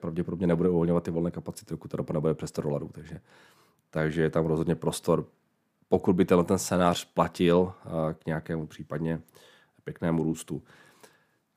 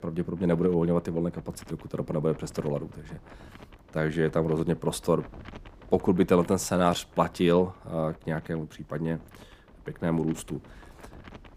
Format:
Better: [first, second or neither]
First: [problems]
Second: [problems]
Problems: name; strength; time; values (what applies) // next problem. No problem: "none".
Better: first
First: none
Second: wind noise on the microphone; occasional gusts; 25 dB below the speech